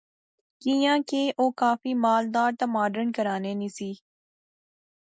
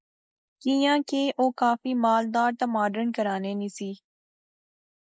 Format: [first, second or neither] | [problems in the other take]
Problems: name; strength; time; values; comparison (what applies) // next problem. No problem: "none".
first | noise reduction (neural mask model Resemble Enhance denoiser)